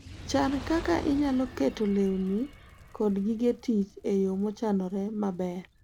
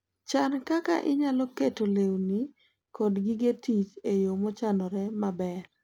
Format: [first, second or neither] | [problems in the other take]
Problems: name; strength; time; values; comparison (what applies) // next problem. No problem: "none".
second | background sound (Fire); 16 dB below the speech